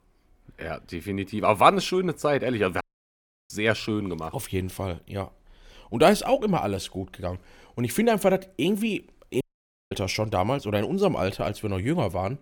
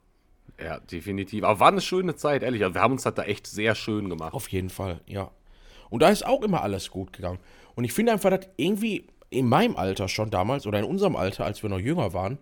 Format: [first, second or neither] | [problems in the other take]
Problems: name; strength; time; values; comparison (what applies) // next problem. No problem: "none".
second | audio cutting out; at 3 s for 0.5 s and at 9.5 s for 0.5 s